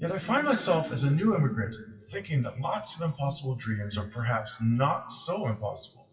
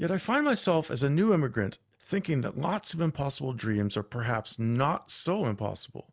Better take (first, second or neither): second